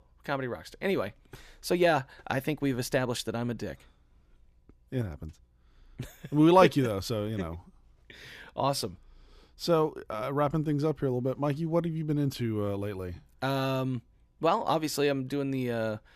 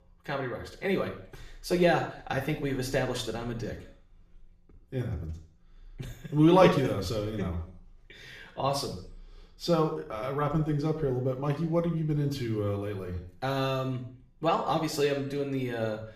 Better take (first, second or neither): first